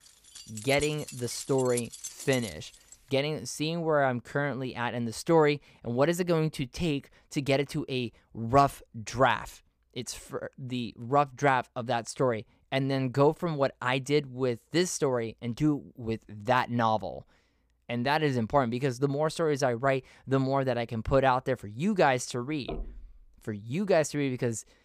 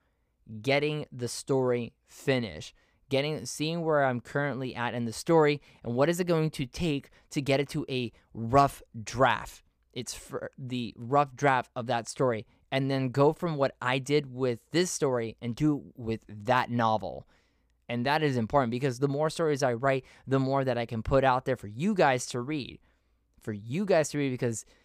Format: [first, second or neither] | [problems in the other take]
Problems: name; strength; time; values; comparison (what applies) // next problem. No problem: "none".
second | jangling keys; noticeable; until 3 s; peak 8 dB below the speech // door banging; faint; at 23 s; peak 10 dB below the speech